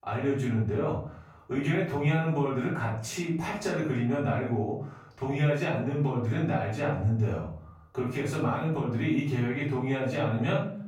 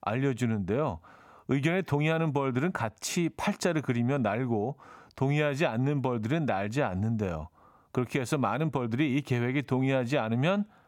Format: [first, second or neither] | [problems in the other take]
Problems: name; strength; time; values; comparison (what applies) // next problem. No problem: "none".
second | off-mic speech; far // room echo; noticeable; dies away in 0.5 s